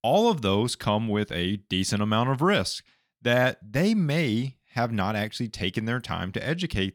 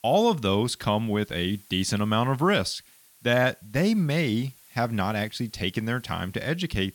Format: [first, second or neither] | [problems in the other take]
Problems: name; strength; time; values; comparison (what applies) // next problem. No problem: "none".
first | hiss; faint; throughout; 25 dB below the speech